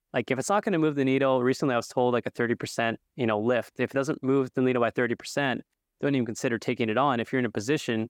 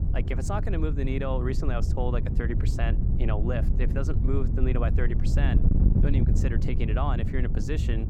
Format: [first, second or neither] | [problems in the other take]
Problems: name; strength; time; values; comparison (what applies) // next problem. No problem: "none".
first | wind noise on the microphone; heavy; 5 dB below the speech